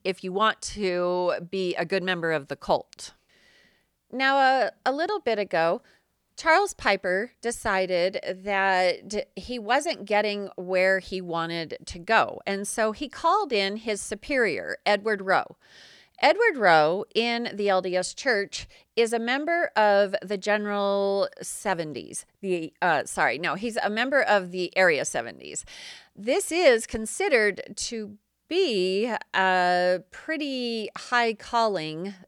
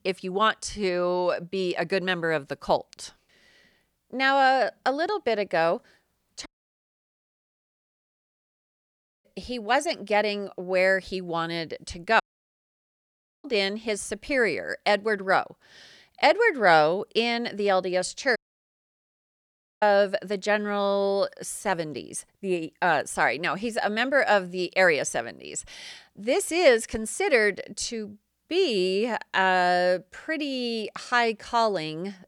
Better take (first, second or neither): first